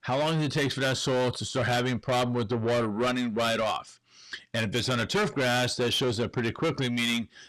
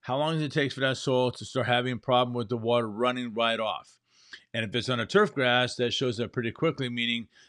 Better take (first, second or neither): second